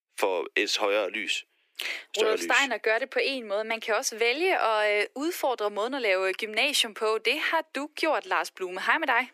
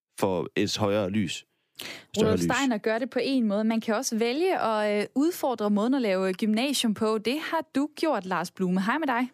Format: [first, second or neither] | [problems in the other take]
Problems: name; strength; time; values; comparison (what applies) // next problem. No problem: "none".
second | thin; very; fading below 350 Hz